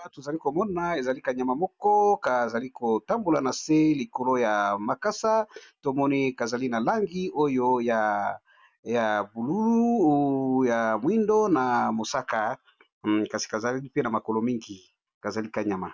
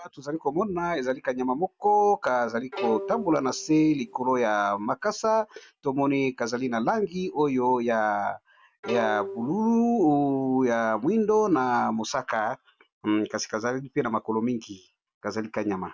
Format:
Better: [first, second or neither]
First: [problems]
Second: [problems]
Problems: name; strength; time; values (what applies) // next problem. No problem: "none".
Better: first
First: none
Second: background sound (Bowed string instrument); 12 dB below the speech